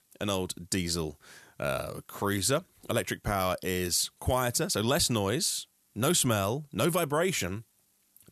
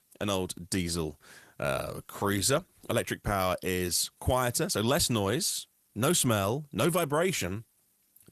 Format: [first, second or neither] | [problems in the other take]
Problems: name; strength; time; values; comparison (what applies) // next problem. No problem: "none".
first | garbled, watery; slightly; nothing above 13.5 kHz